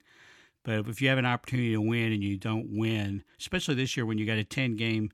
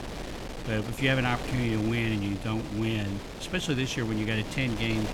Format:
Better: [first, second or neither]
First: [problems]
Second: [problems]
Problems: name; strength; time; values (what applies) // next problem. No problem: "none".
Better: first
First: none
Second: wind noise on the microphone; heavy; 8 dB below the speech